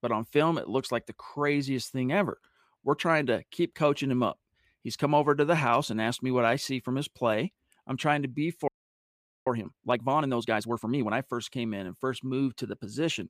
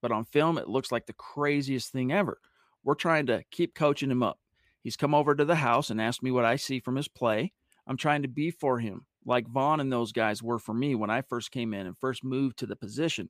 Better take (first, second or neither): second